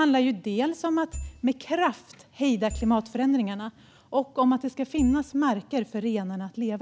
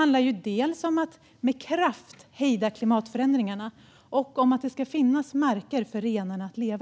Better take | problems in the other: second | background sound (Marimba, xylophone / Wood); 11 dB below the speech

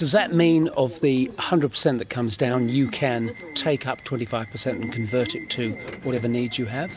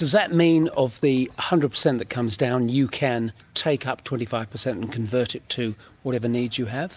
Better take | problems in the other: second | background sound (Subway, metro, underground / Alarm); 15 dB below the speech

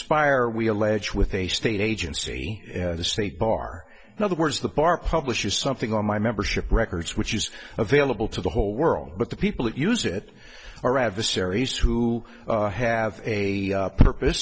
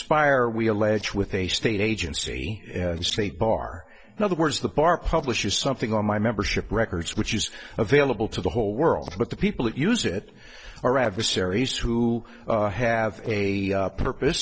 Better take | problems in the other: first | noise reduction (neural separator model SepFormer DNS4)

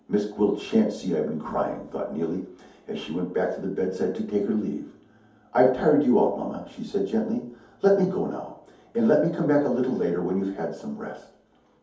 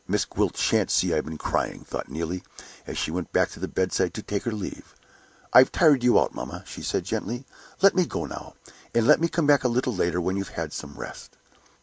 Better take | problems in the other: second | room echo; dies away in 0.6 s

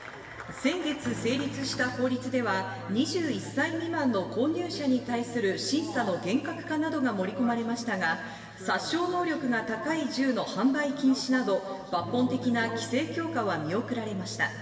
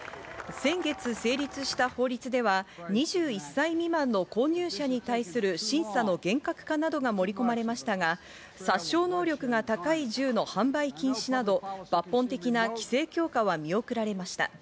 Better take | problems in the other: second | background sound (Electric guitar / Strum); 15 dB below the speech // room echo; dies away in 2.3 s

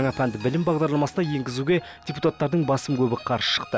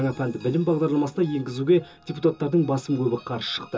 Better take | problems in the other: first | room echo; dies away in 0.2 s

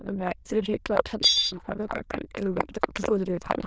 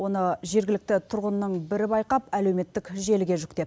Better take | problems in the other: second | noise reduction (neural diffusion model UNIVERSE++)

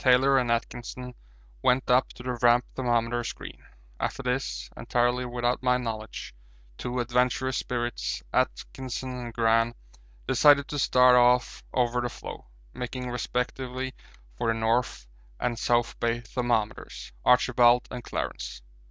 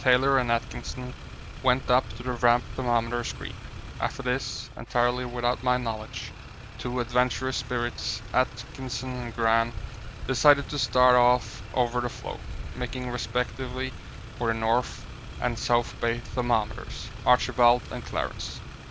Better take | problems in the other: first | background sound (Motor vehicle (road)); 11 dB below the speech

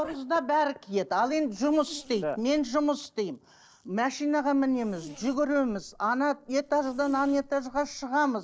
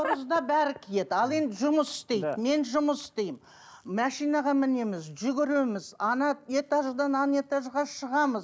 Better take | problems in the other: second | noise reduction (neural separator model SepFormer DNS4)

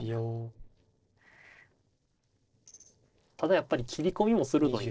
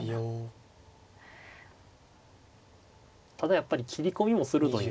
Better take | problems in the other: second | noise reduction (neural separator model SepFormer DNS4)

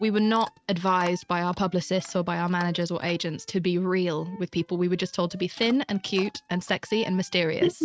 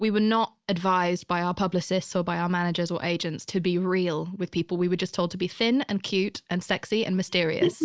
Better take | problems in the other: second | noise reduction (neural mask model RNNoise)

